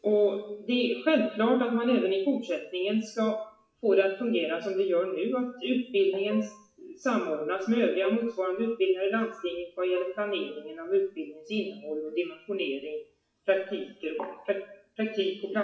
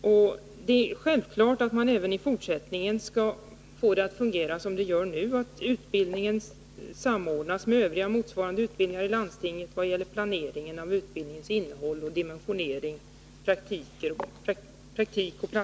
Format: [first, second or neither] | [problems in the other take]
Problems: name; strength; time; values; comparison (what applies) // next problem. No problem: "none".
second | noise reduction (classical method WPE with log-MMSE)